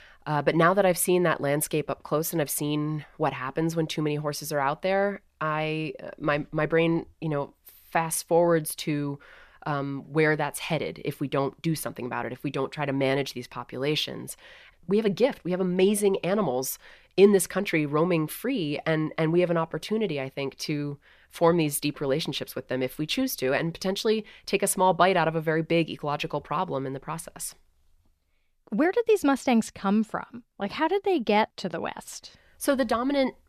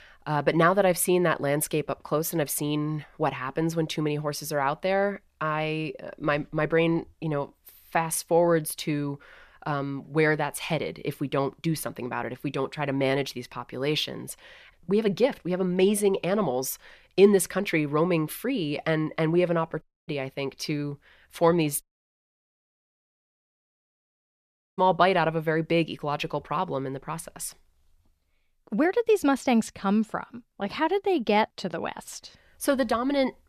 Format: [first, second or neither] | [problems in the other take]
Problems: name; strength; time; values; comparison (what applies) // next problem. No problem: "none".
first | audio cutting out; at 20 s and at 22 s for 3 s